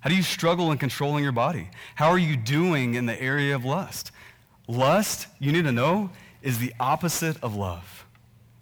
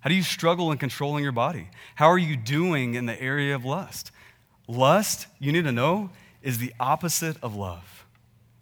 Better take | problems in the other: second | distortion; slight; 10 dB below the speech

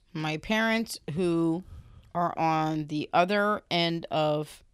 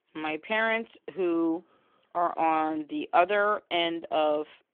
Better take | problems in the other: first | phone-call audio; nothing above 3.5 kHz

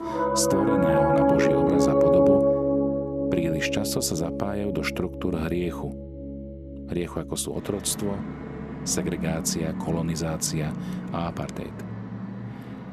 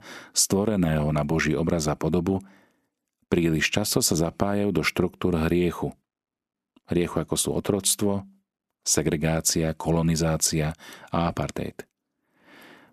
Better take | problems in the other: second | background music; very loud; throughout; 3 dB above the speech

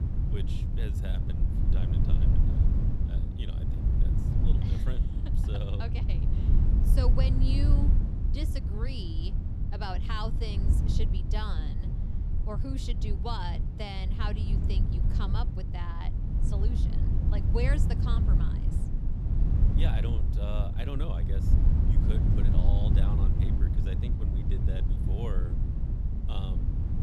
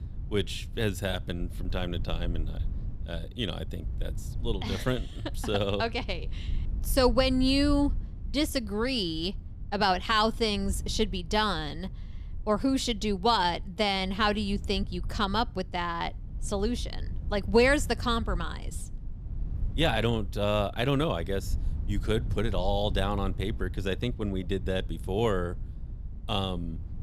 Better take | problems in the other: second | low rumble; loud; throughout; 2 dB below the speech; faint in the second

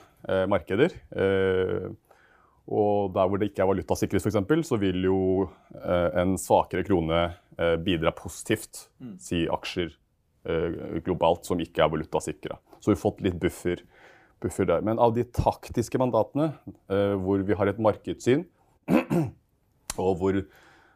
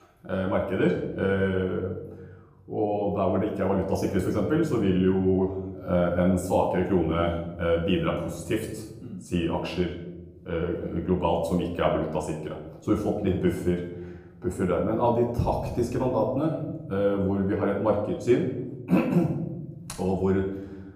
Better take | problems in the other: first | off-mic speech; far // room echo; noticeable; dies away in 1.2 s

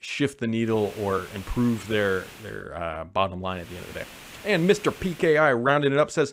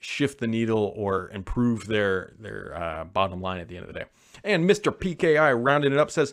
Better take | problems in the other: second | hiss; noticeable; from 0.5 to 2.5 s and from 3.5 to 5.5 s; 20 dB below the speech

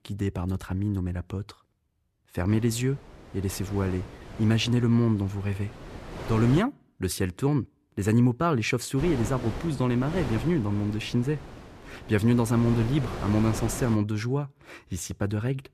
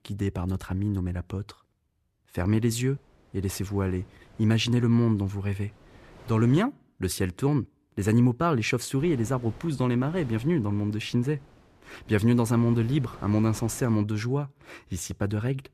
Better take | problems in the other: second | wind noise on the microphone; heavy; from 2.5 to 6.5 s and from 9 to 14 s; 10 dB below the speech; occasional gusts in the second

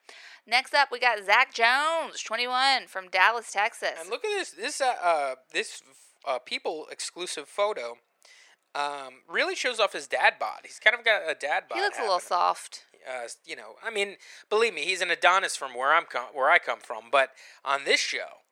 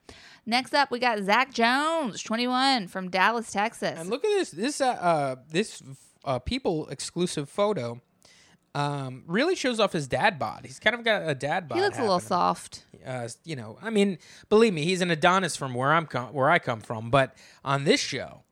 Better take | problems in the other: second | thin; very; fading below 500 Hz

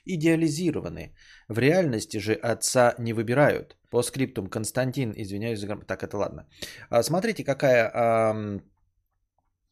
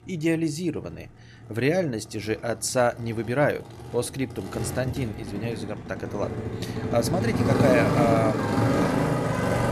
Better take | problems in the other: first | traffic noise; very loud; throughout; 1 dB above the speech

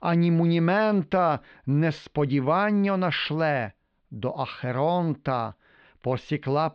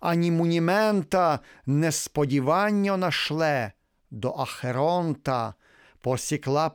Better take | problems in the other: second | muffled; slightly; fading above 4 kHz

